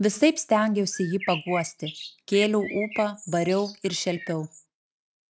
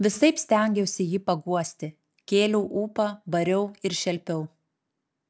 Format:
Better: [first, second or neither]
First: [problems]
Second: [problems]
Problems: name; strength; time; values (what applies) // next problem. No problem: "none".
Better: second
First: noise reduction (neural mask model RNNoise)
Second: none